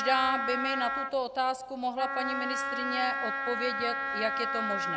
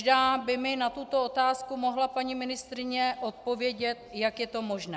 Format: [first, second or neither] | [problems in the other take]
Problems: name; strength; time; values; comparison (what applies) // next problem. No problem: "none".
second | background sound (Wind instrument, woodwind instrument); 1 dB below the speech